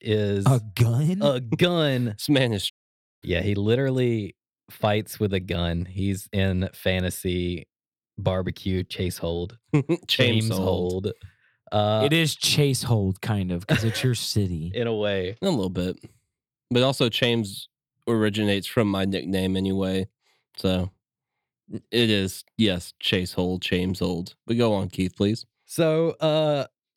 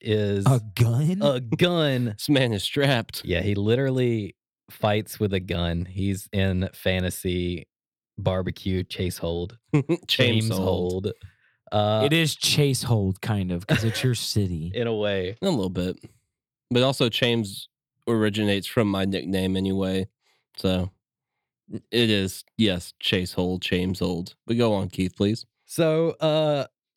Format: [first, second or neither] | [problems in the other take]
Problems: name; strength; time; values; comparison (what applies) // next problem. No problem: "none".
second | audio cutting out; at 2.5 s for 0.5 s